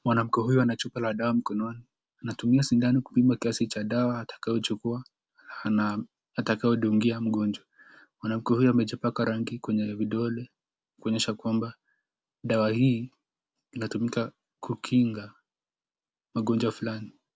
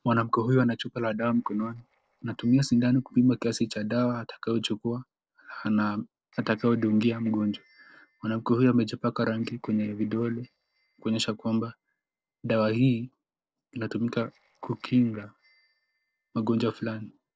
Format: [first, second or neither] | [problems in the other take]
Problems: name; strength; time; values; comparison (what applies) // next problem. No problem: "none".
first | noise reduction (neural separator model SepFormer DNS4)